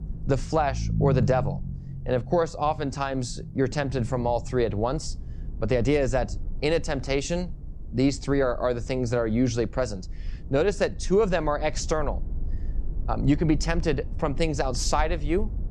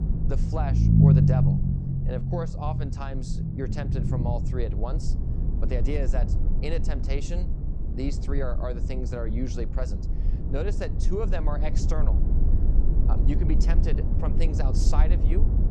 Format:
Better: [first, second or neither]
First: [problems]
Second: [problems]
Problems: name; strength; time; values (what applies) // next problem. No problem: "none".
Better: first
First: low rumble; faint; throughout; 20 dB below the speech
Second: low rumble; loud; throughout; 2 dB below the speech